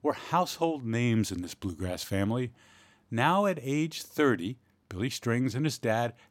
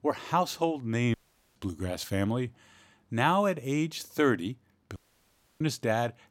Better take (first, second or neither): first